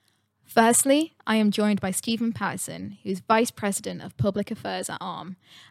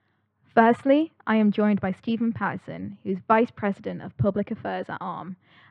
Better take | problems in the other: first | muffled; very; fading above 2 kHz

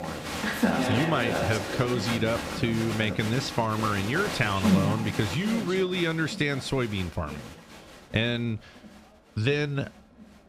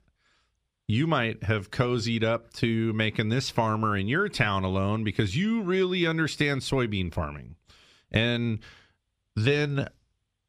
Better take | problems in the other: second | crowd noise; loud; throughout; 3 dB below the speech

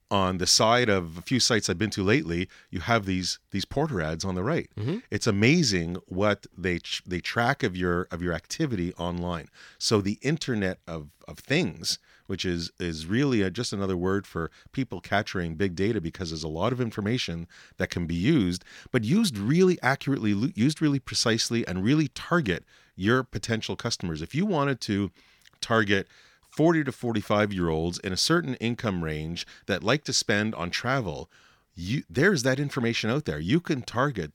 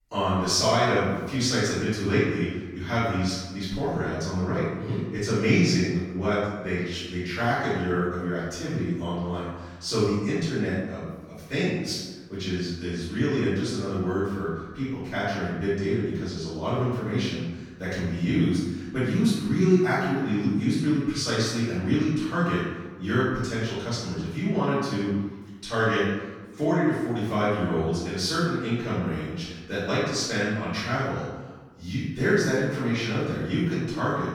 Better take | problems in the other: first | room echo; strong; dies away in 1.1 s // off-mic speech; far

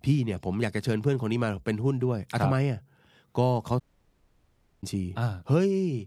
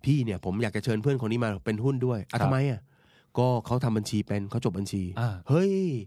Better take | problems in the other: second | audio cutting out; at 4 s for 1 s

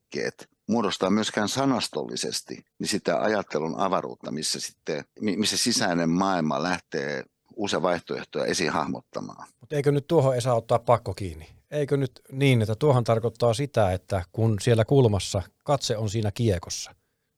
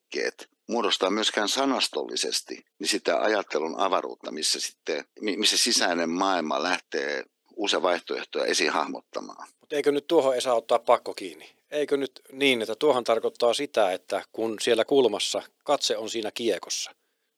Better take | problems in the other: first | thin; somewhat; fading below 300 Hz

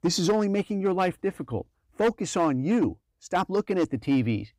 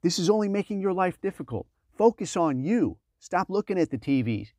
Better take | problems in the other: second | distortion; slight; 5% of the sound clipped

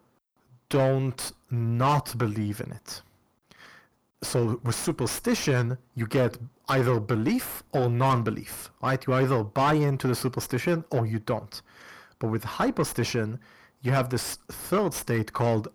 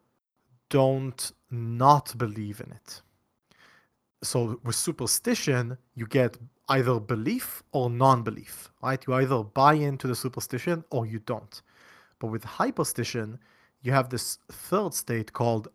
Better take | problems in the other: second | distortion; heavy; 6 dB below the speech

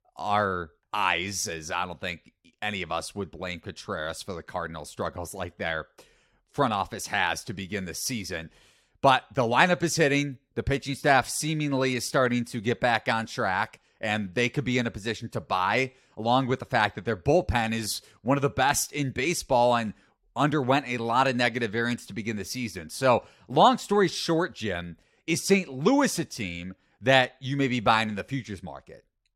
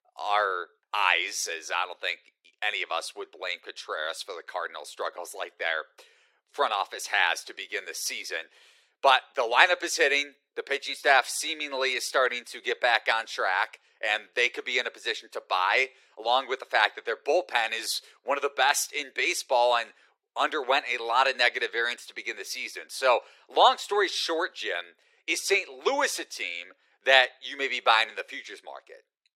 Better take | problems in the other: first | thin; very; fading below 400 Hz

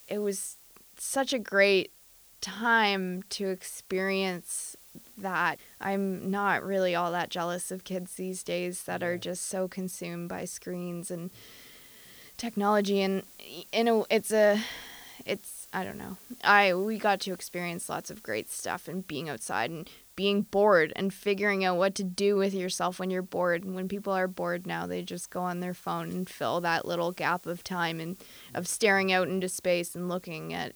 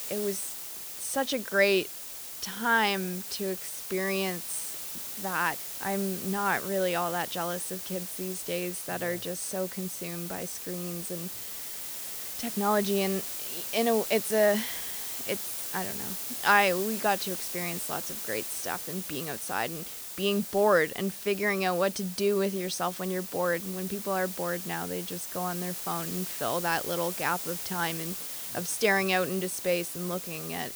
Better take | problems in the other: first | hiss; loud; throughout; 5 dB below the speech; faint in the first

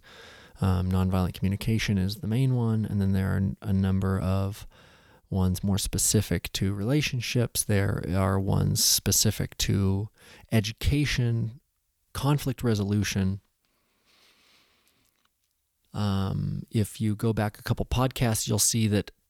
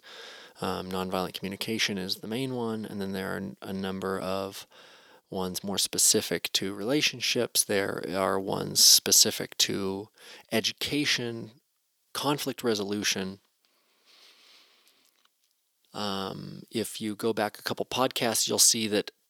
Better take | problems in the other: first | thin; somewhat; fading below 350 Hz

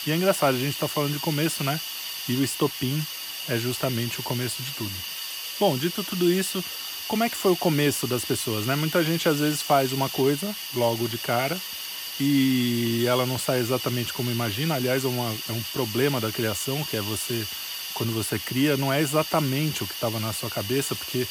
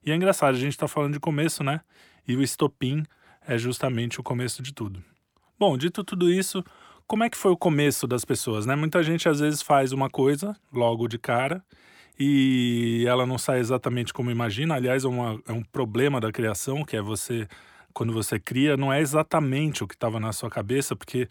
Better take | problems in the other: second | hiss; loud; throughout; 5 dB below the speech

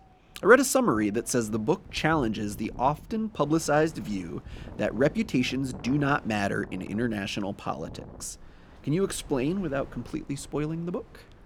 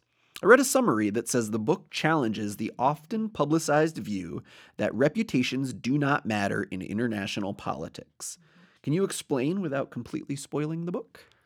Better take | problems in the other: second | wind in the background; noticeable; throughout; 20 dB below the speech

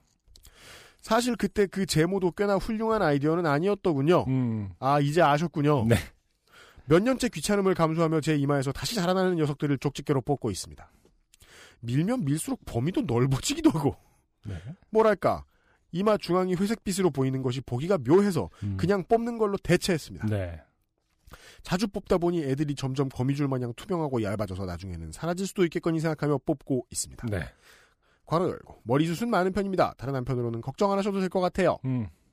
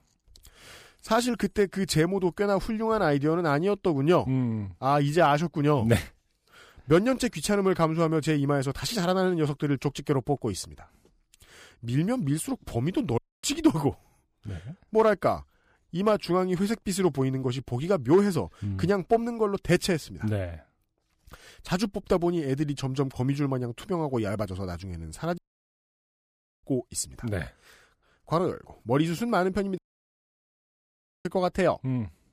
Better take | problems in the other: first | audio cutting out; at 13 s, at 25 s for 1.5 s and at 30 s for 1.5 s

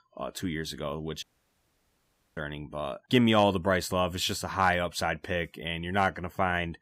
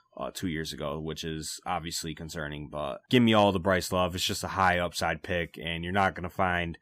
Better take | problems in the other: second | audio cutting out; at 1 s for 1 s

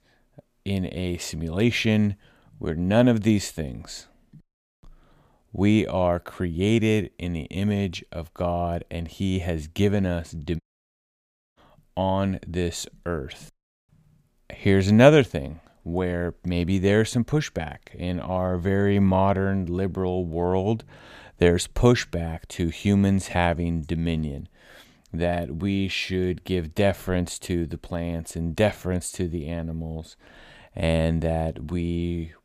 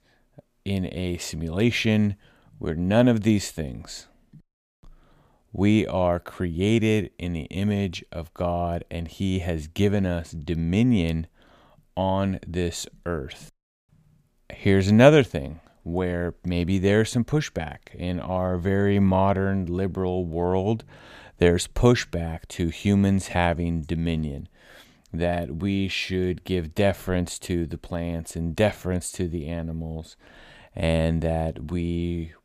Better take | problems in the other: second | audio cutting out; at 11 s for 1 s

